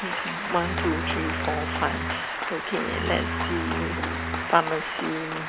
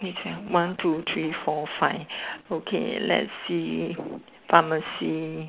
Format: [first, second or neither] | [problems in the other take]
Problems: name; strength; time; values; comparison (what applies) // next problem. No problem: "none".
second | background sound (Bowed string instrument + Applause); as loud as the speech